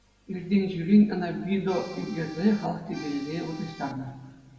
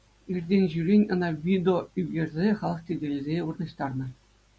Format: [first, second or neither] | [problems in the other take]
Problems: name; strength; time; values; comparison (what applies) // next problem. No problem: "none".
second | background sound (Accordion); 18 dB below the speech // room echo; dies away in 1.7 s